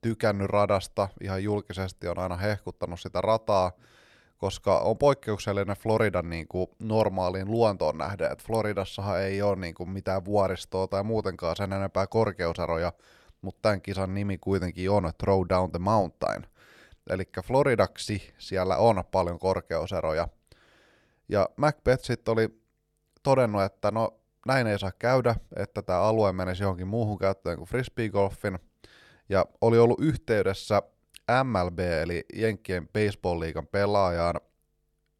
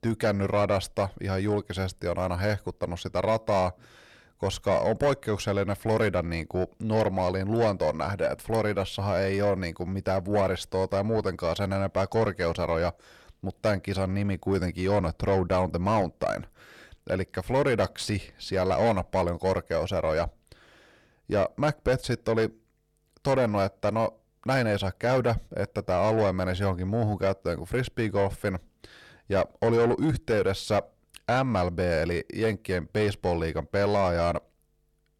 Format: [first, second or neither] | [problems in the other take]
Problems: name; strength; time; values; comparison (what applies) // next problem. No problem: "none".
first | distortion; slight; 10 dB below the speech